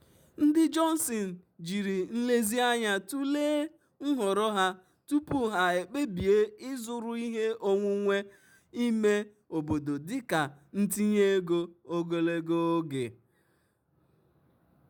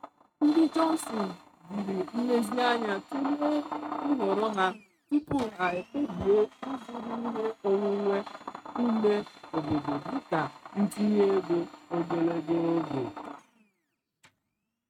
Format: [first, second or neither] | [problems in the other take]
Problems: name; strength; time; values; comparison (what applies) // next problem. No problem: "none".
first | noise reduction (neural mask model RNNoise)